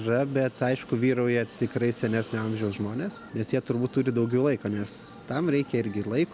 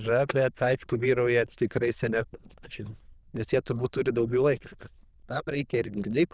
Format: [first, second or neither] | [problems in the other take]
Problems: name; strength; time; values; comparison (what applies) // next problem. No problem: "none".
first | noise reduction (neural diffusion model UNIVERSE++)